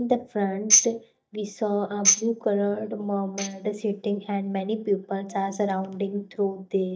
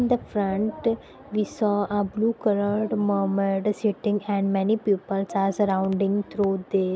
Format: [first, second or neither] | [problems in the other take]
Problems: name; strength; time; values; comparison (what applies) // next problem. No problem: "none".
second | noise reduction (neural mask model DeepFilterNet 3)